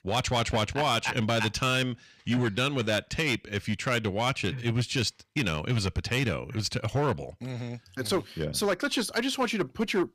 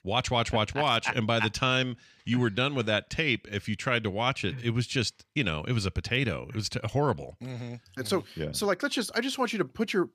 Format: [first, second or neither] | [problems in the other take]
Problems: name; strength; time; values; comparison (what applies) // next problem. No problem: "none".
second | distortion; slight; 7% of the sound clipped